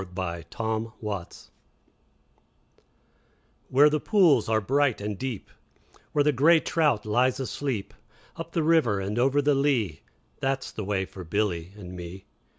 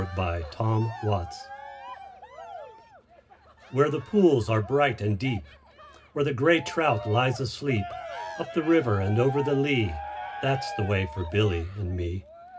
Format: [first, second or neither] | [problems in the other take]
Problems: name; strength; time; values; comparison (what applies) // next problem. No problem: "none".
first | background sound (Cheering); 14 dB below the speech // room echo; dies away in 0.4 s